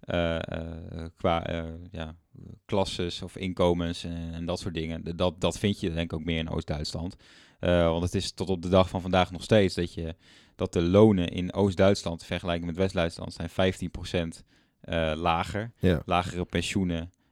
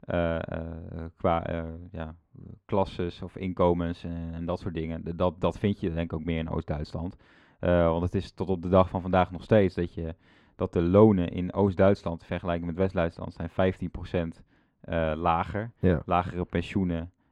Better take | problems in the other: first | muffled; very; fading above 3.5 kHz

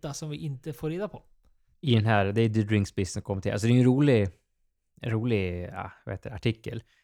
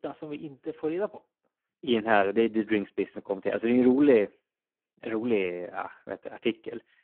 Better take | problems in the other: first | phone-call audio; poor line

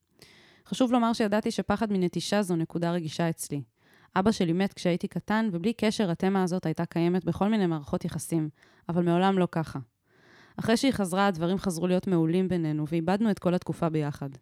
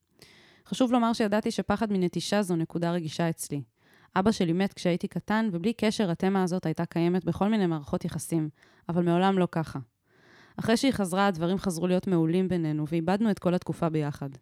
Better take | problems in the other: neither | none

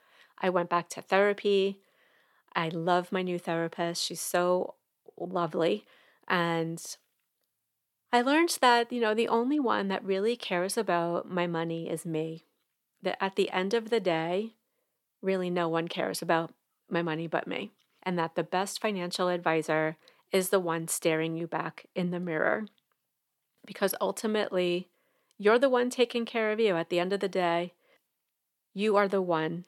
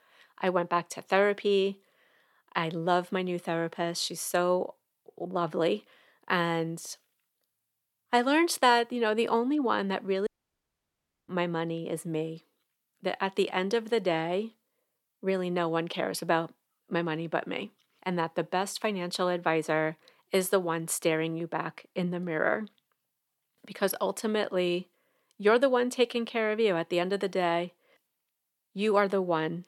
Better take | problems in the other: first | audio cutting out; at 10 s for 1 s

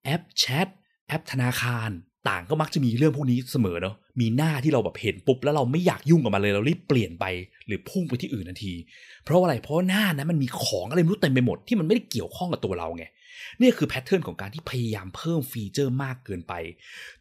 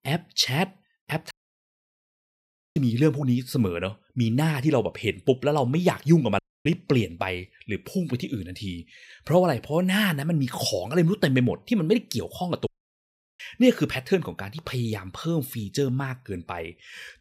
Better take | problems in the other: first | audio cutting out; at 1.5 s for 1.5 s, at 6.5 s and at 13 s for 0.5 s

